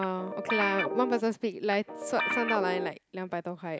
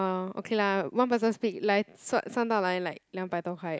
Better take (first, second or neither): second